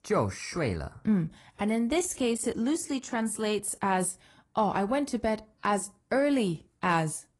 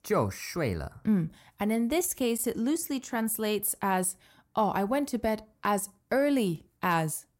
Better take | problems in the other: second | garbled, watery; slightly; nothing above 11 kHz

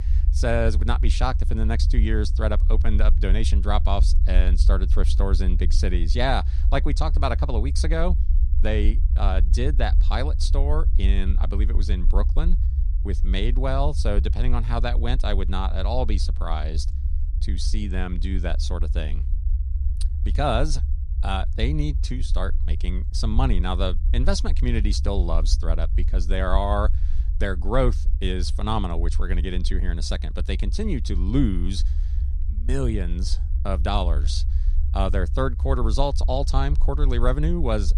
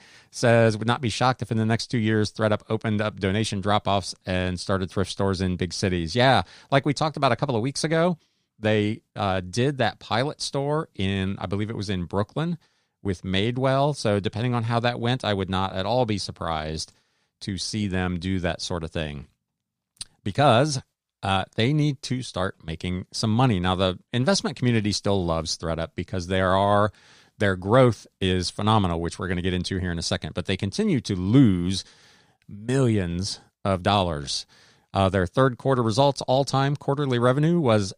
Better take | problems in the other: second | low rumble; noticeable; throughout; 15 dB below the speech

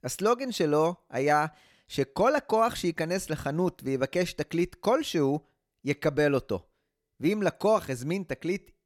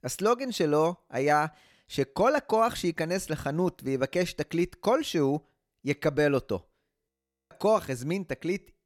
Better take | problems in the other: first | audio freezing; at 7 s

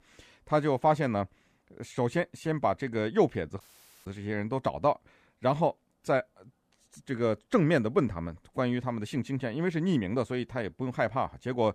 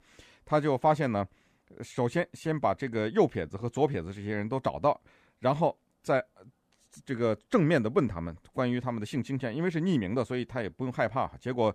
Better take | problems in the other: second | audio cutting out; at 3.5 s

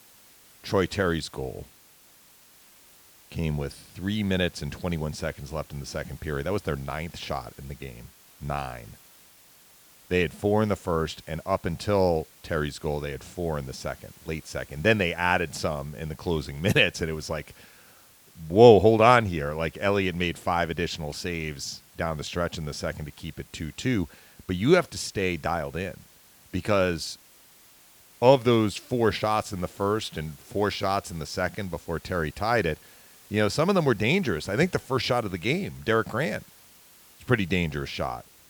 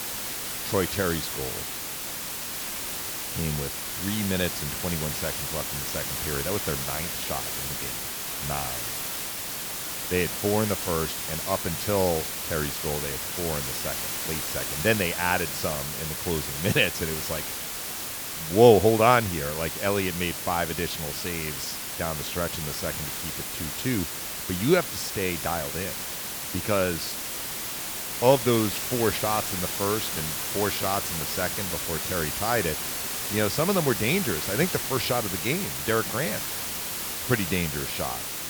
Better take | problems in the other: first | hiss; loud; throughout; 2 dB below the speech; faint in the first

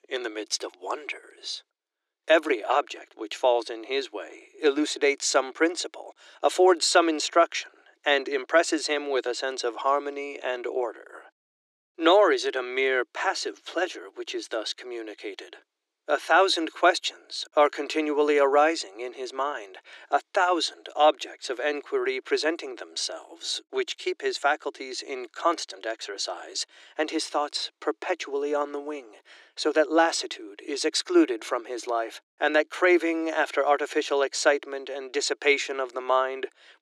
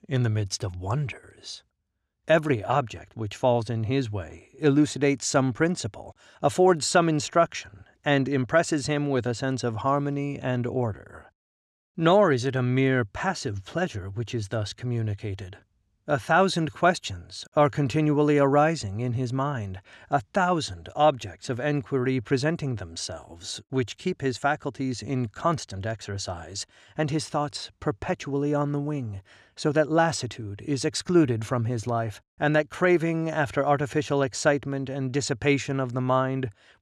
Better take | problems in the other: second | thin; very; fading below 300 Hz

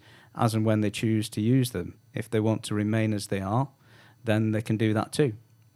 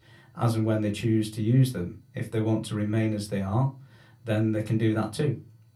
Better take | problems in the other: first | off-mic speech; somewhat distant // room echo; very slight; dies away in 0.2 s

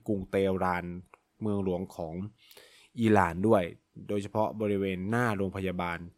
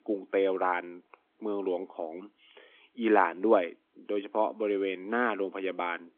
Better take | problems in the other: first | phone-call audio; nothing above 3.5 kHz

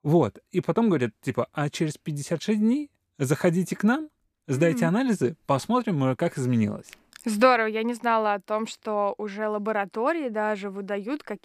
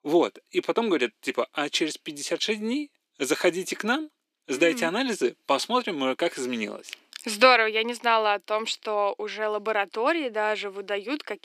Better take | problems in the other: first | thin; somewhat; fading below 300 Hz

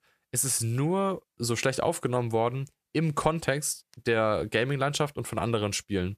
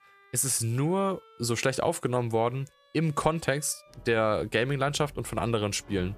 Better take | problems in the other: first | background music; faint; throughout; 25 dB below the speech

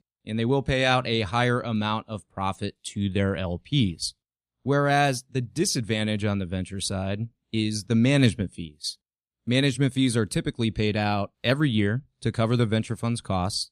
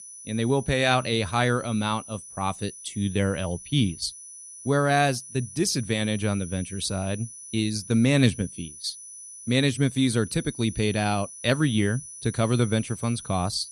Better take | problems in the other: first | high-pitched whine; noticeable; throughout; 10 kHz, 15 dB below the speech

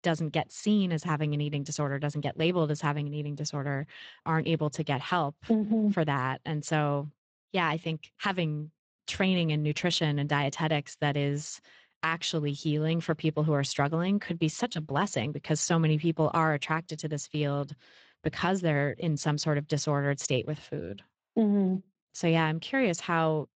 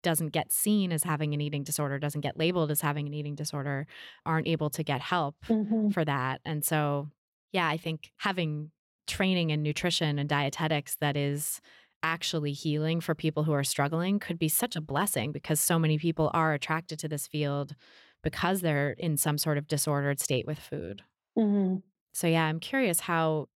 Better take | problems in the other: second | garbled, watery; slightly; nothing above 7.5 kHz

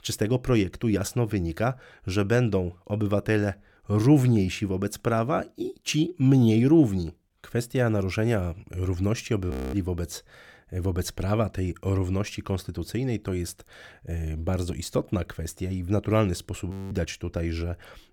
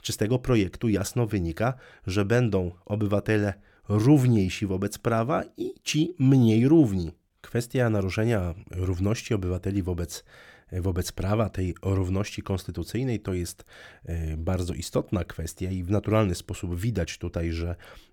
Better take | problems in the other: second | audio freezing; at 9.5 s and at 17 s

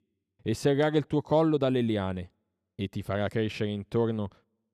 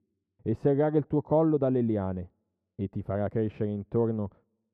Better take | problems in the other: first | muffled; very; fading above 2 kHz

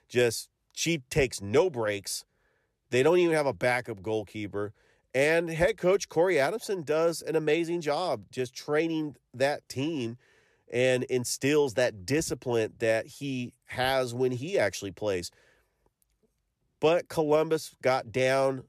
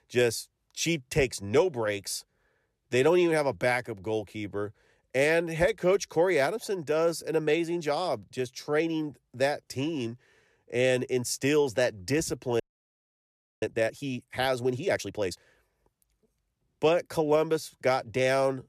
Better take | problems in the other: first | audio freezing; at 13 s for 1 s

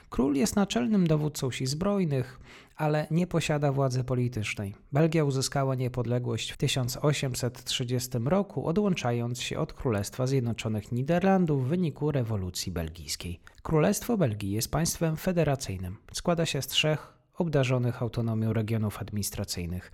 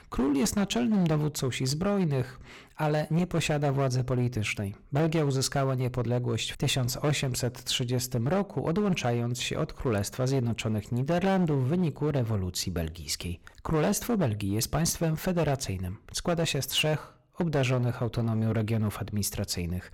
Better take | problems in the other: first | distortion; slight; 9% of the sound clipped

